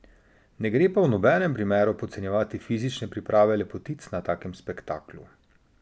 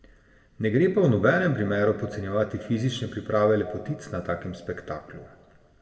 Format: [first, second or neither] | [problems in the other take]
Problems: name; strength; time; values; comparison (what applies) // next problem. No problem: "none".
first | room echo; dies away in 1.2 s